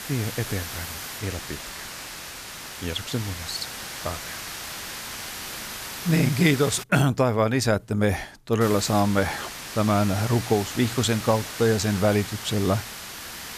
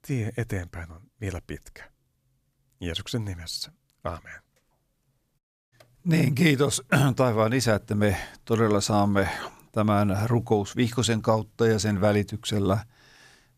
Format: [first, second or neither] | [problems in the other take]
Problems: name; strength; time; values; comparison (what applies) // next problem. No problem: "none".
second | hiss; loud; until 7 s and from 8.5 s on; 10 dB below the speech